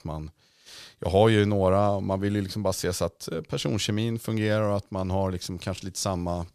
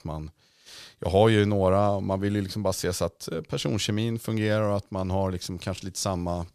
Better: neither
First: none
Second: none

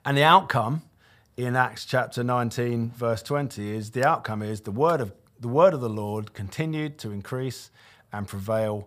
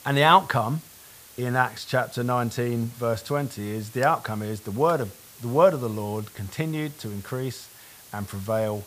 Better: first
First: none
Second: hiss; faint; throughout; 20 dB below the speech

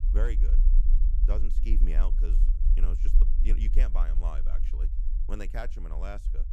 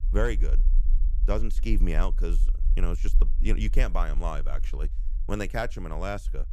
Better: second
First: low rumble; loud; throughout; 9 dB below the speech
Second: low rumble; faint; throughout; 20 dB below the speech

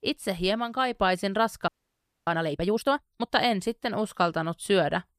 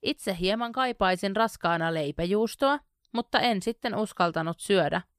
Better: second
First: audio freezing; at 1.5 s for 0.5 s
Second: none

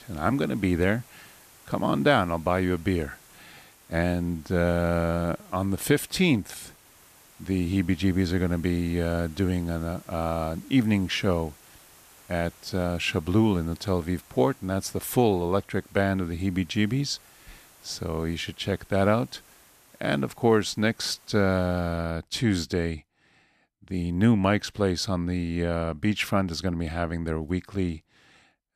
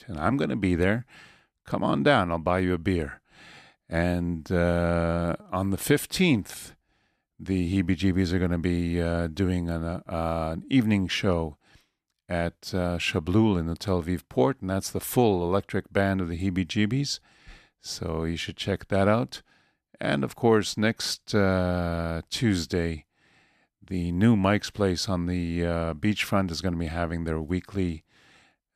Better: second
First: hiss; faint; until 22 s; 25 dB below the speech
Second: none

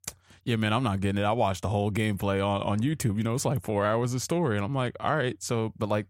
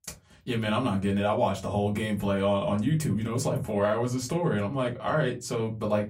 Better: first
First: none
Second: off-mic speech; far // room echo; very slight; dies away in 0.2 s

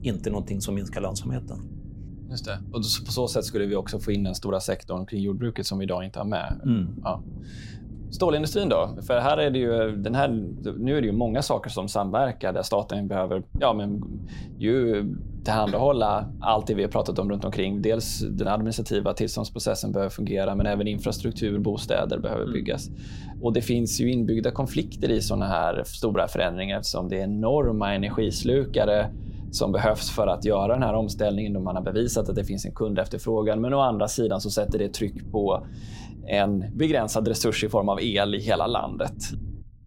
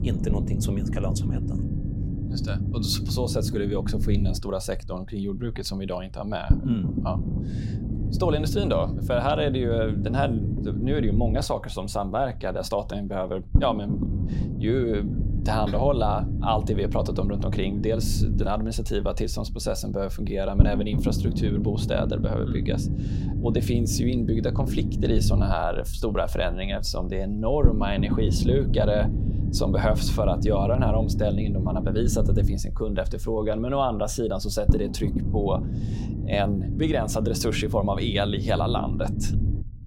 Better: first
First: low rumble; faint; throughout; 20 dB below the speech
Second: low rumble; loud; throughout; 9 dB below the speech

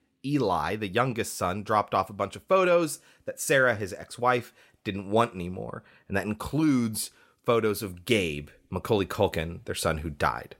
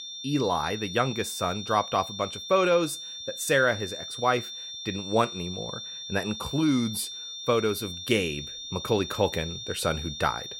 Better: first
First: none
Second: high-pitched whine; loud; throughout; 3.5 kHz, 8 dB below the speech

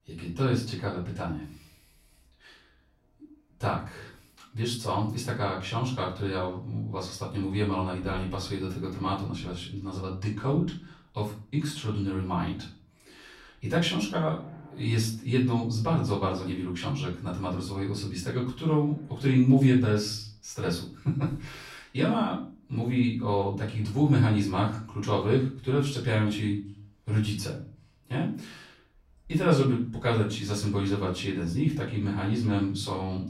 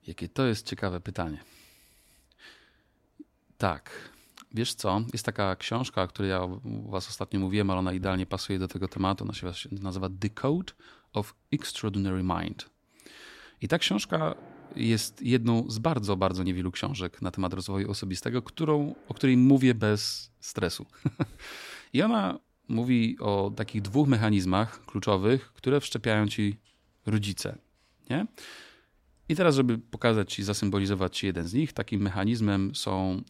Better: second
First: off-mic speech; far // room echo; slight; dies away in 0.4 s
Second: none

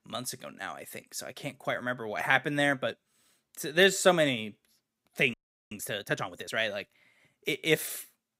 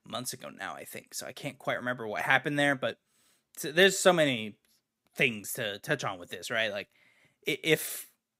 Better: second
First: audio freezing; at 5.5 s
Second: none

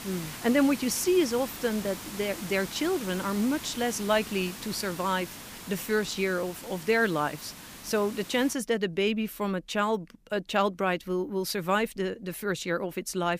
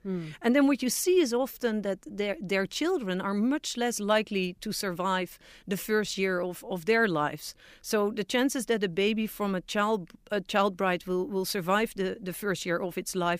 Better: second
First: hiss; noticeable; until 8.5 s; 10 dB below the speech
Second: none

